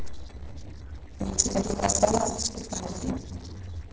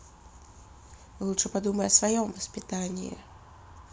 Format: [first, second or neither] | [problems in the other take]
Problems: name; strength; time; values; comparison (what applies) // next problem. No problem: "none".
second | noise reduction (neural separator model SepFormer DNS4)